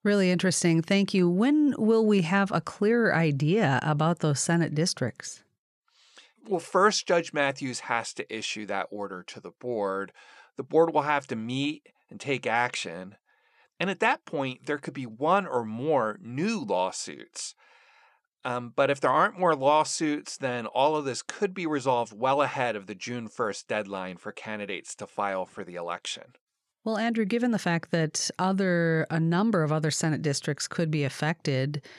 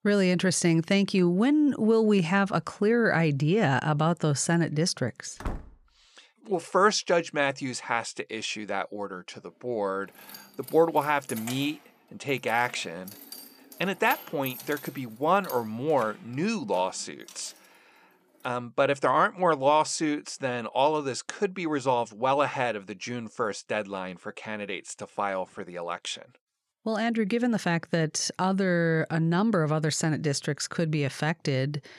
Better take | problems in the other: first | door banging; faint; at 5.5 s; peak 10 dB below the speech // jangling keys; faint; from 10 to 18 s; peak 10 dB below the speech

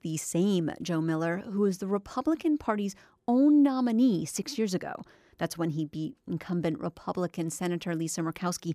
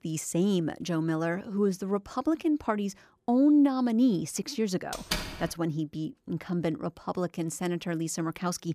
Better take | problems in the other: first | door banging; noticeable; at 5 s; peak 3 dB below the speech

